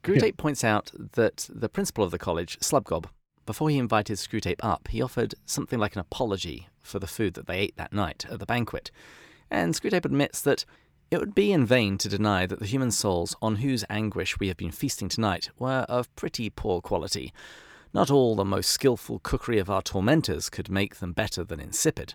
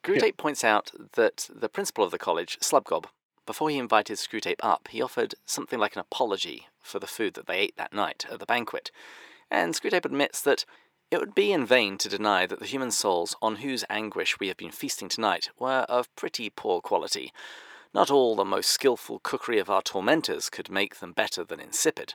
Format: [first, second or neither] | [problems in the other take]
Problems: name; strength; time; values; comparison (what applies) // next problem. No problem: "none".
first | thin; somewhat; fading below 400 Hz